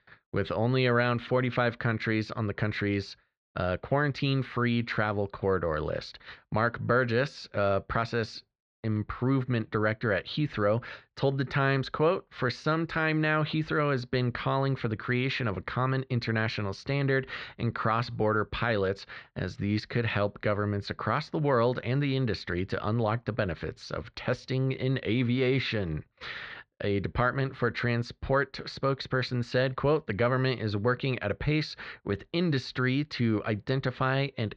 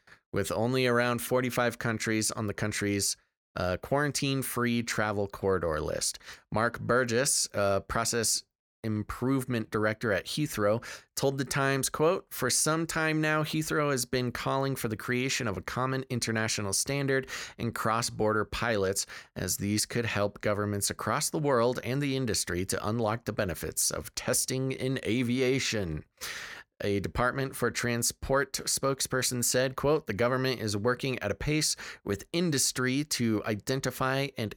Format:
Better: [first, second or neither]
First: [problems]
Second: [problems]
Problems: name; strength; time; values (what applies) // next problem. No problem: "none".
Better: second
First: muffled; slightly; fading above 4 kHz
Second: none